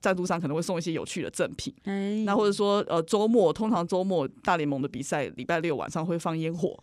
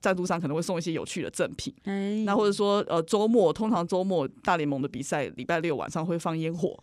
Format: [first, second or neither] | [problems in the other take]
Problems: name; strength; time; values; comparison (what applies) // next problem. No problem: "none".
neither | none